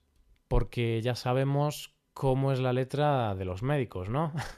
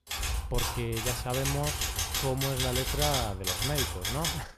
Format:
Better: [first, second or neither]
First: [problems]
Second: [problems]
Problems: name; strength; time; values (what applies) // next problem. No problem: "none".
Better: first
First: none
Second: keyboard typing; loud; peak 5 dB above the speech